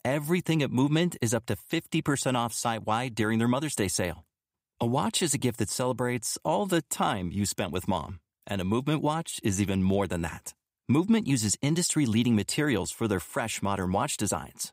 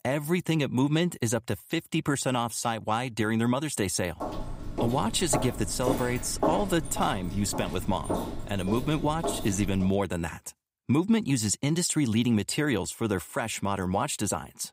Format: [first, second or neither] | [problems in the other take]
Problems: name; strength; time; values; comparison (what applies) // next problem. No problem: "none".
first | footsteps; noticeable; from 4 to 10 s; peak 2 dB below the speech